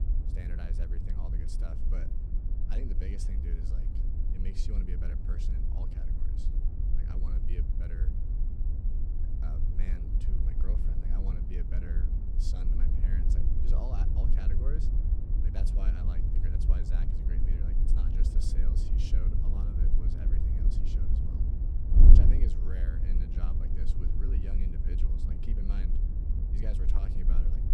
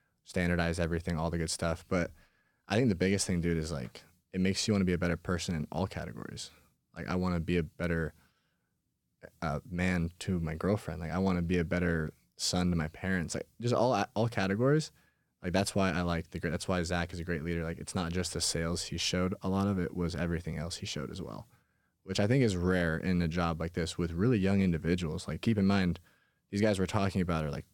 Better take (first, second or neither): second